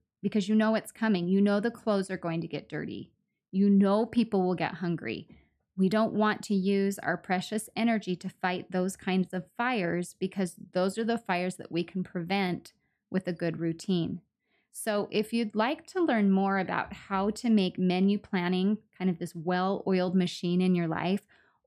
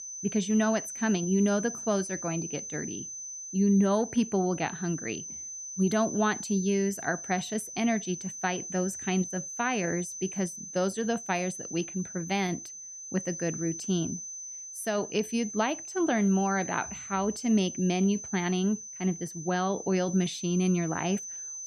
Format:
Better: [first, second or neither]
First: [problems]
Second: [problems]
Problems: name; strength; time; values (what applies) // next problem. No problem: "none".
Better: first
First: none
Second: high-pitched whine; loud; throughout; 6 kHz, 8 dB below the speech